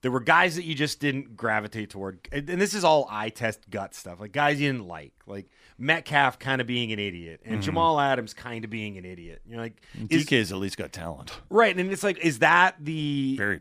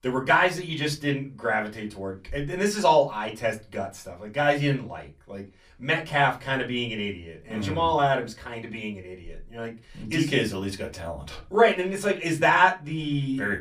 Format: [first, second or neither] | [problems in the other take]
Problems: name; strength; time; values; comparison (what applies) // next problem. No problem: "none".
first | off-mic speech; far // room echo; very slight; dies away in 0.2 s